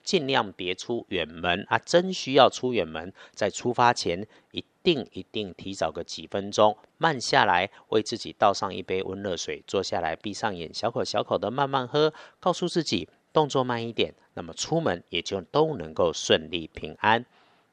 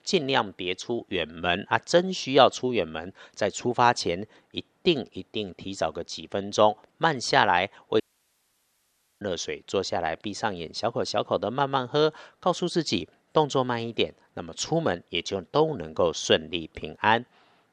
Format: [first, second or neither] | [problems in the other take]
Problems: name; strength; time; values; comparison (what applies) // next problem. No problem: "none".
first | audio cutting out; at 8 s for 1 s